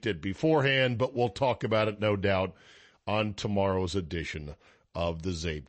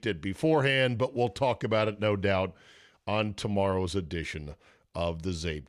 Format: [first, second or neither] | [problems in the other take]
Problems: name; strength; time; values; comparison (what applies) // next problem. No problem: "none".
second | garbled, watery; slightly; nothing above 8 kHz